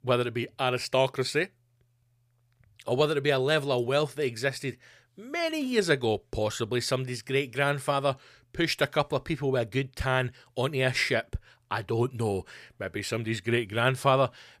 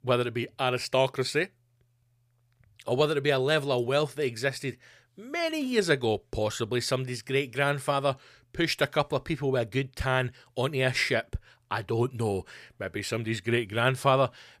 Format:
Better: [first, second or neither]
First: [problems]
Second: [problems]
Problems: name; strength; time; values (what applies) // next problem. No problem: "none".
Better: neither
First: none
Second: none